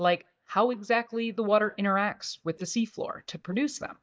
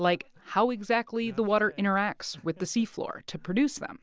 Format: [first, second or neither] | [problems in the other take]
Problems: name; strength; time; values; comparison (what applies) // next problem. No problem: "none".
second | noise reduction (neural mask model DeepFilterNet 3)